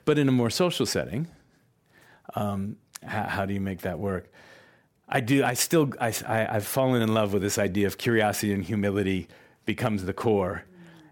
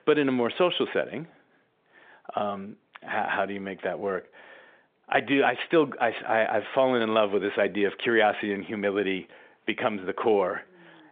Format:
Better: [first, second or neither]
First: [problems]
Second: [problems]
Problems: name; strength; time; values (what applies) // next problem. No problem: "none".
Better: first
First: none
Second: phone-call audio; nothing above 3.5 kHz